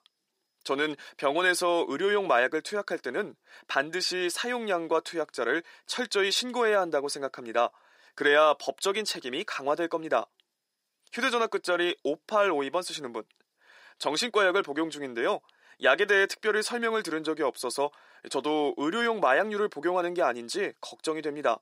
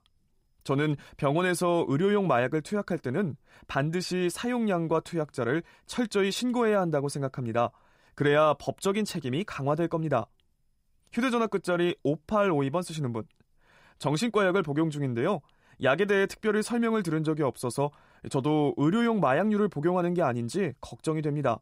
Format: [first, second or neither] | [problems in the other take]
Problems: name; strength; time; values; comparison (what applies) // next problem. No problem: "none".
second | thin; somewhat; fading below 350 Hz